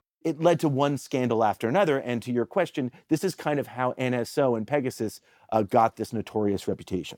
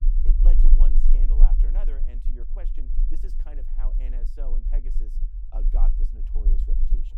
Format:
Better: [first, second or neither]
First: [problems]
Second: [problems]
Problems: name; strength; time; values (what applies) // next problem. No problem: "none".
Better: first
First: none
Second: low rumble; loud; throughout; 3 dB below the speech